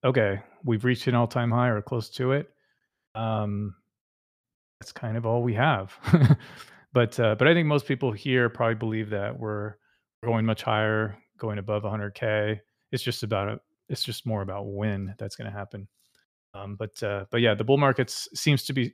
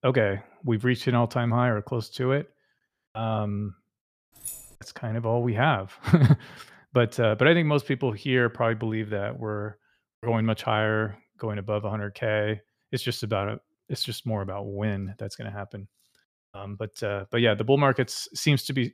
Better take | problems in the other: first | jangling keys; faint; at 4.5 s; peak 10 dB below the speech

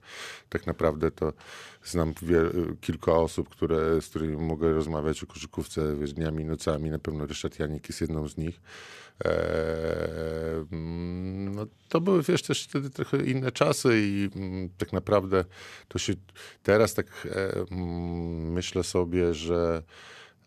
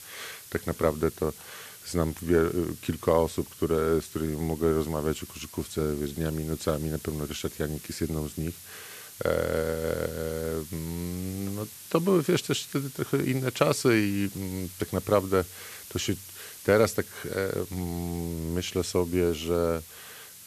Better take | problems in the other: first | hiss; noticeable; throughout; 15 dB below the speech

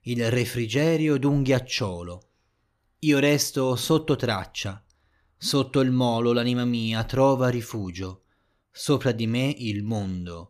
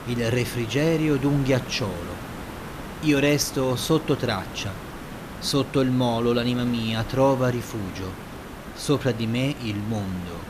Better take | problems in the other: first | hiss; noticeable; throughout; 15 dB below the speech

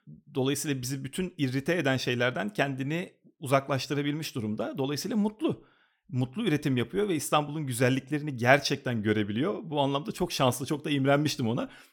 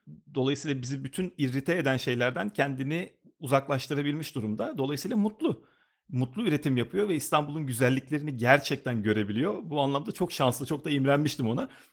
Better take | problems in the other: first | garbled, watery; slightly; nothing above 18.5 kHz

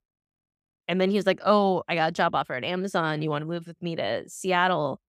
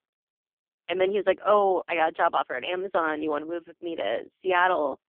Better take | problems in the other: first | phone-call audio; poor line; nothing above 3 kHz

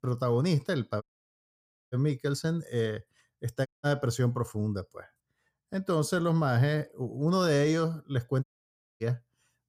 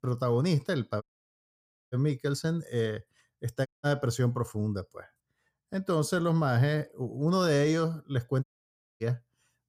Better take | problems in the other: neither | audio cutting out; at 1 s for 1 s, at 3.5 s and at 8.5 s for 0.5 s; the same in both

